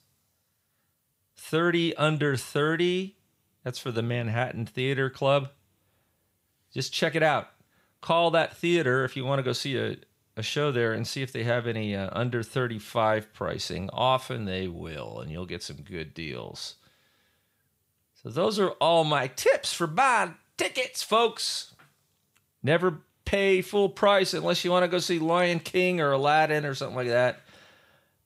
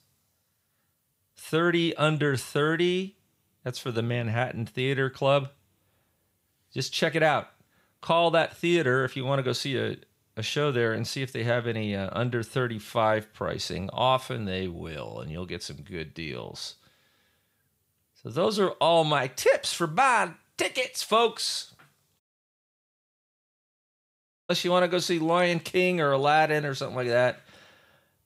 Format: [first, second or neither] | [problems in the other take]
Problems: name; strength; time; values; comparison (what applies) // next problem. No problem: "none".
first | audio cutting out; at 22 s for 2.5 s